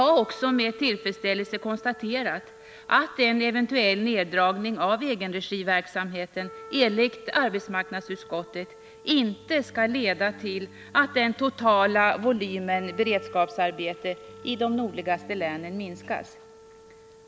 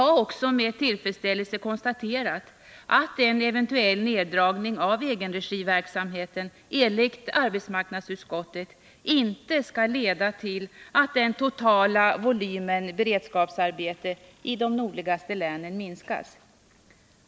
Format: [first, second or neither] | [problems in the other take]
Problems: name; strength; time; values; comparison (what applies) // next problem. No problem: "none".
second | background sound (Wind instrument, woodwind instrument + Organ); 20 dB below the speech